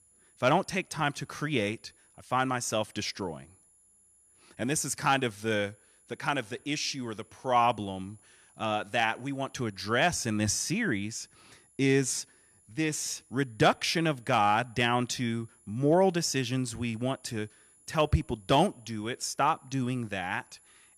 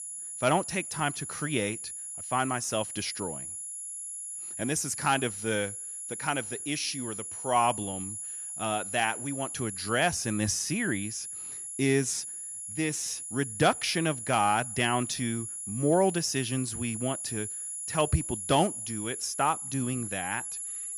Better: first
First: high-pitched whine; faint; throughout; 10.5 kHz, 30 dB below the speech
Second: high-pitched whine; loud; throughout; 10.5 kHz, 6 dB below the speech

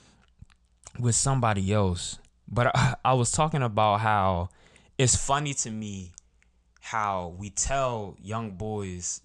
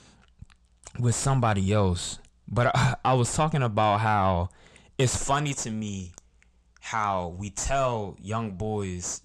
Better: first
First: none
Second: distortion; slight; 10 dB below the speech

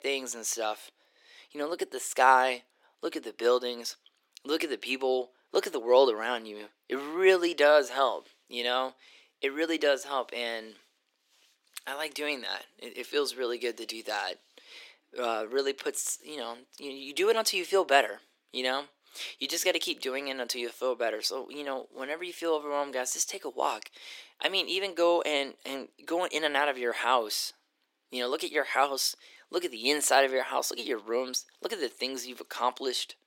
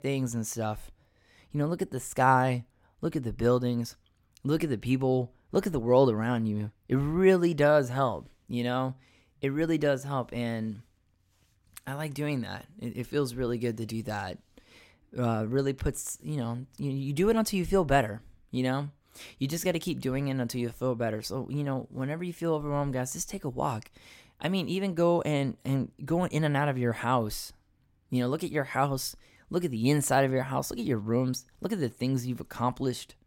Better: second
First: thin; very; fading below 350 Hz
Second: none

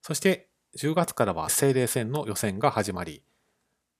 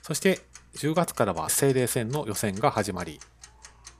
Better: first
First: none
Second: household noises; faint; throughout; 20 dB below the speech

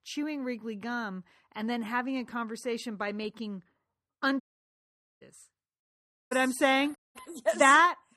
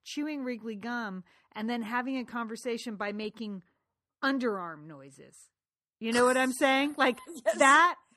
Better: second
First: audio cutting out; at 4.5 s for 1 s, at 6 s and at 7 s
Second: none

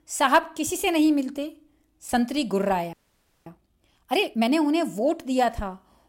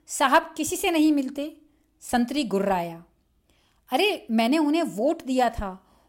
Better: second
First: audio freezing; at 3 s for 0.5 s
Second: none

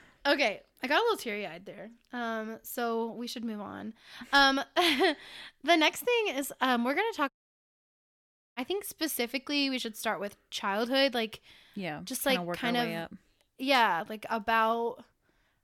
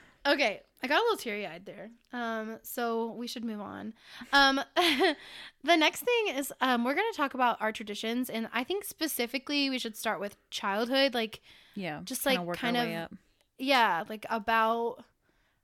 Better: second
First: audio cutting out; at 7.5 s for 1.5 s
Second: none

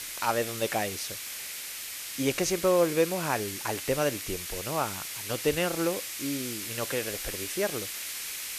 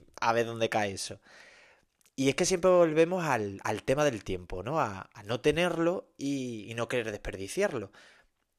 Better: second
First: hiss; loud; throughout; 4 dB below the speech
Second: none

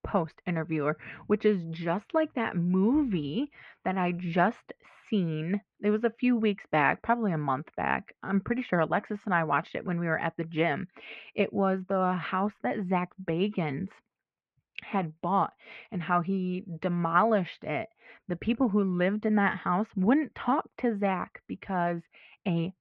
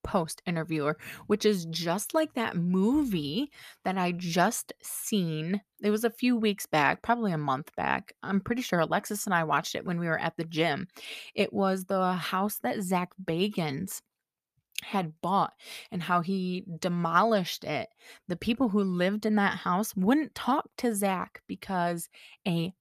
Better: second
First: muffled; very; fading above 2.5 kHz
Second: none

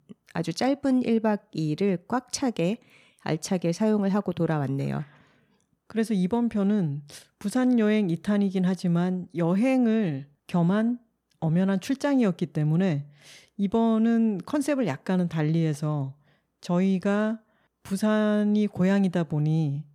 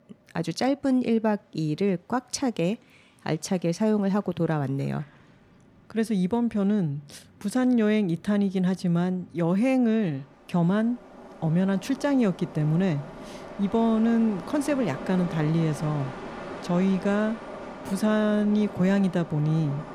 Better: first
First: none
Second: train or aircraft noise; noticeable; throughout; 15 dB below the speech

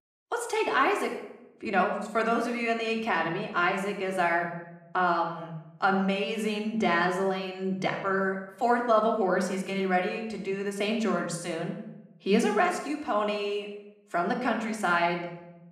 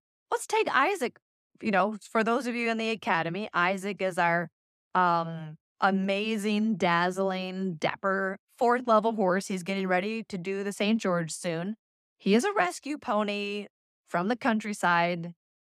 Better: second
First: room echo; slight; dies away in 0.7 s // off-mic speech; somewhat distant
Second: none

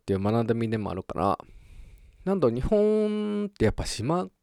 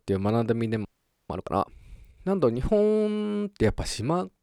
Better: first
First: none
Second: audio freezing; at 1 s

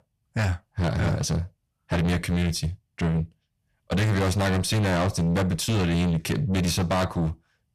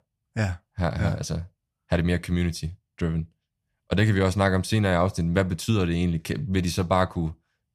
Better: second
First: distortion; heavy; 6 dB below the speech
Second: none

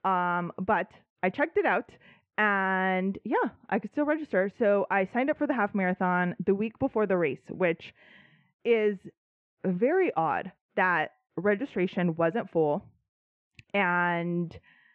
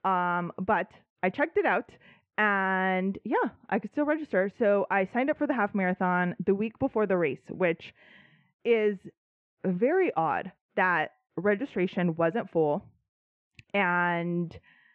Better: neither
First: muffled; very; fading above 2 kHz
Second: muffled; very; fading above 2 kHz

